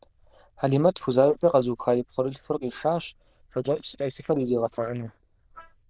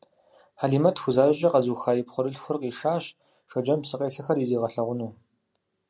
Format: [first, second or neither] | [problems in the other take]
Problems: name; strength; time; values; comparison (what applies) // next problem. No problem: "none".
second | noise reduction (neural diffusion model UNIVERSE++)